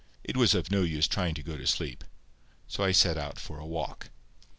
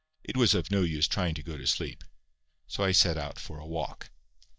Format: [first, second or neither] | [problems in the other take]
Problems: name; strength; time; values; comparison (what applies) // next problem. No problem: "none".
first | noise reduction (neural mask model DeepFilterNet 3)